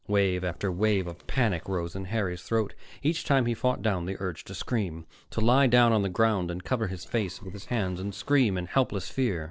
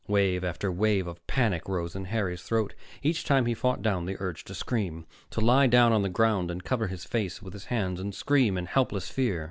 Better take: second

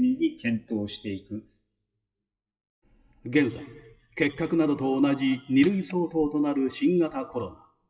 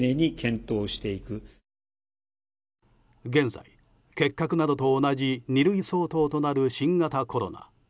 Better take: second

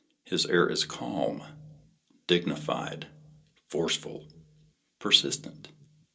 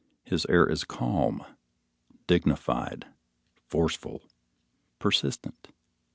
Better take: second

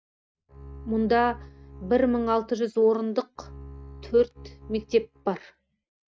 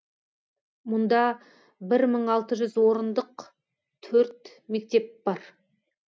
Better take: second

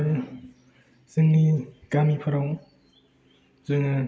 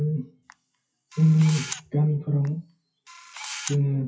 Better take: first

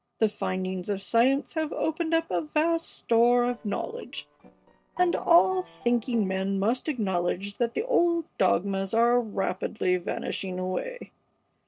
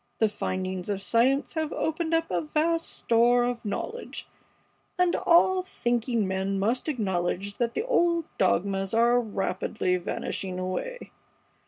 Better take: second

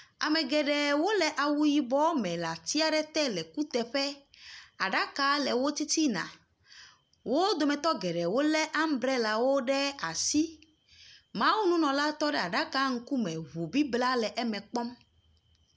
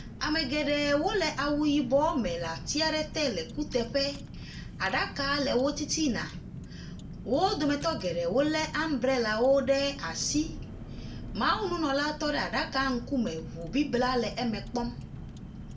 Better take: first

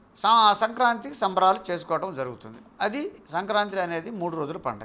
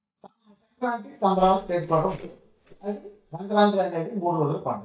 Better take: first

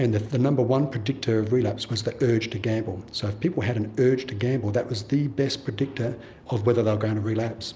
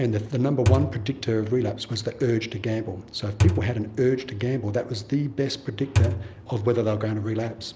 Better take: first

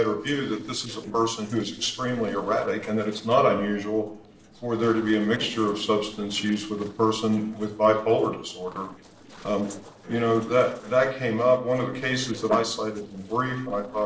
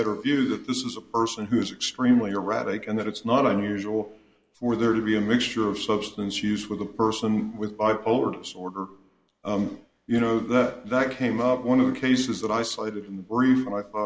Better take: second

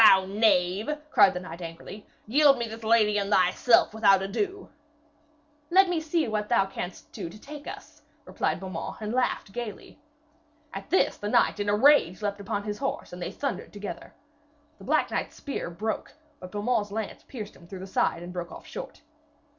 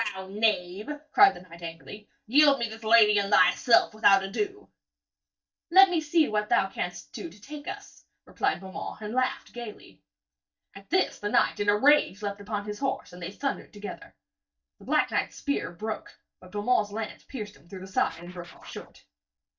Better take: first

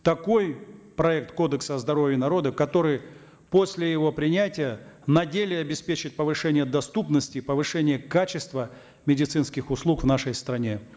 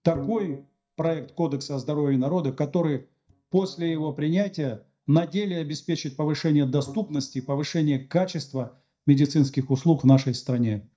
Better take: first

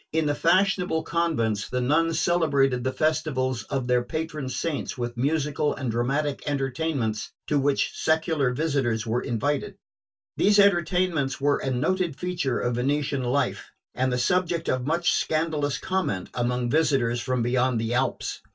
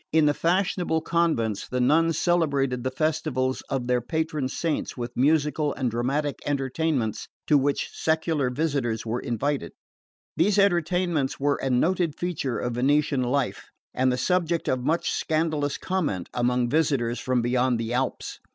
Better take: second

